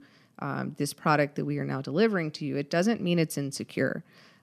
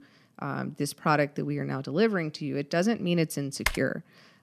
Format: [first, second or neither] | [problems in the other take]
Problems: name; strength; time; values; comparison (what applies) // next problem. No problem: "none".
first | keyboard typing; noticeable; at 3.5 s; peak 2 dB below the speech